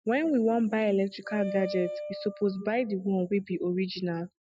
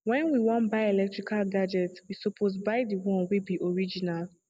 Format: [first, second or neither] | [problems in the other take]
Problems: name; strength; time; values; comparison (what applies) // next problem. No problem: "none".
second | noise reduction (classical method Wiener filter)